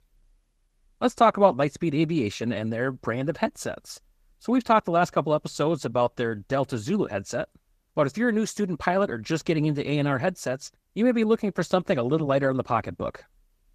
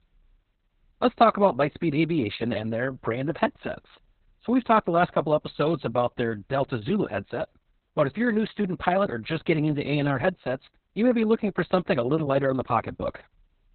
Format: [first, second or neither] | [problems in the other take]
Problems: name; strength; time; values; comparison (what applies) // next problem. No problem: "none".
first | garbled, watery; badly; nothing above 4 kHz; slightly in the first